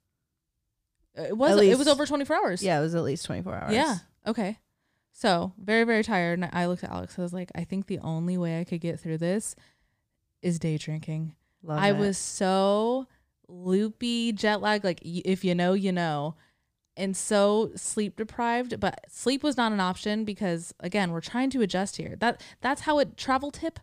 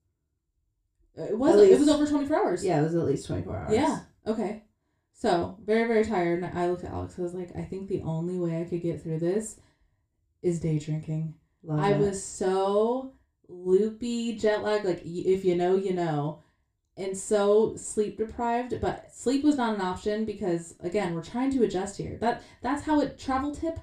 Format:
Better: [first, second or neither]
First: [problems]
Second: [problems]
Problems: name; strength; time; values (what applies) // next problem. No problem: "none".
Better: first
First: none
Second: room echo; very slight; dies away in 0.3 s // off-mic speech; somewhat distant